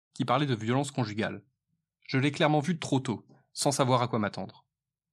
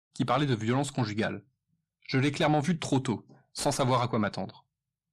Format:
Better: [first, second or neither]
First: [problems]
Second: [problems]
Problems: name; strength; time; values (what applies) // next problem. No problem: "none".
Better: first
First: none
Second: distortion; slight; 10 dB below the speech